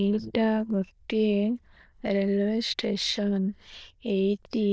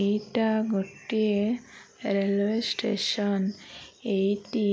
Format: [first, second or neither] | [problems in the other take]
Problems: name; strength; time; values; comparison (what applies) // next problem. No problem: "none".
second | noise reduction (neural diffusion model UNIVERSE++)